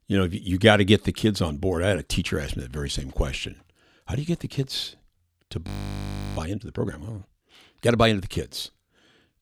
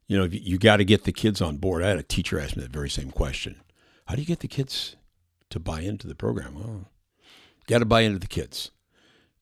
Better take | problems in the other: second | audio freezing; at 5.5 s for 0.5 s

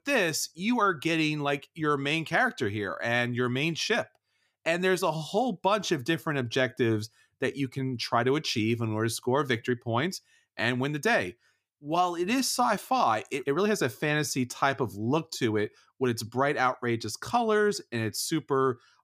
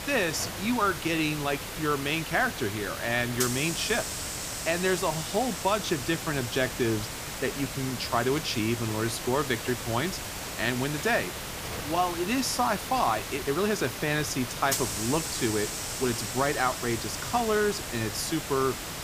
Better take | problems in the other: first | hiss; loud; throughout; 5 dB below the speech

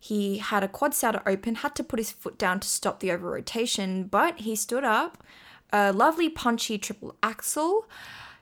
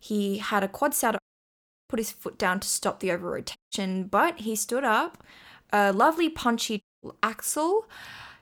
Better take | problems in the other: first | audio cutting out; at 1 s for 0.5 s, at 3.5 s and at 7 s

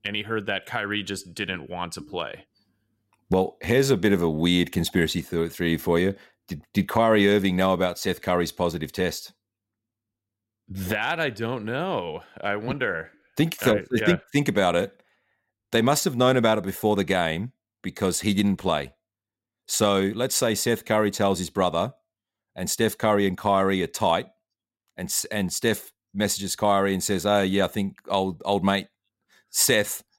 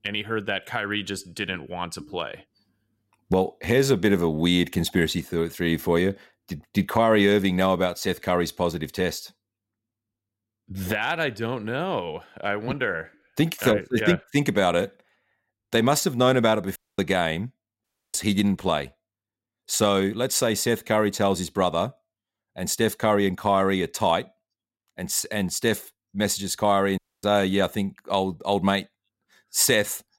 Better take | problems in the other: first | audio cutting out; at 17 s, at 18 s and at 27 s

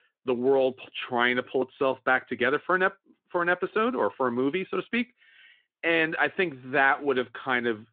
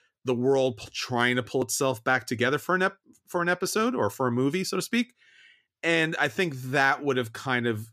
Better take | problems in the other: second | phone-call audio

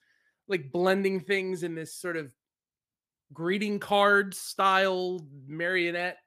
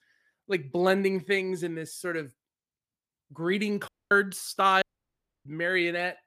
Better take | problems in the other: first | audio cutting out; at 4 s and at 5 s for 0.5 s

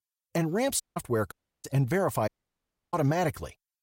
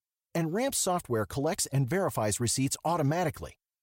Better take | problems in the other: second | audio cutting out; at 1 s, at 1.5 s and at 2.5 s for 0.5 s

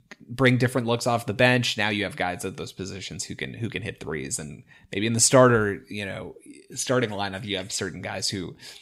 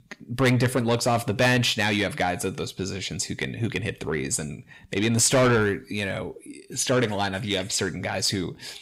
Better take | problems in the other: first | distortion; heavy; 8 dB below the speech

